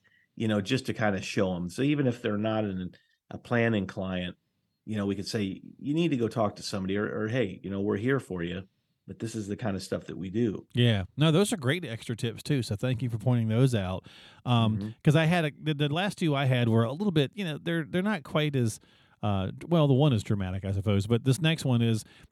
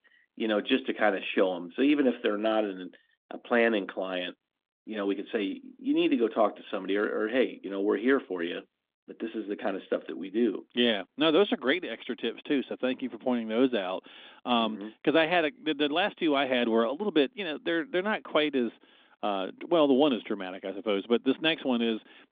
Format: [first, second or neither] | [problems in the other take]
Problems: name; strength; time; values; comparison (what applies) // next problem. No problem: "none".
first | phone-call audio; nothing above 3.5 kHz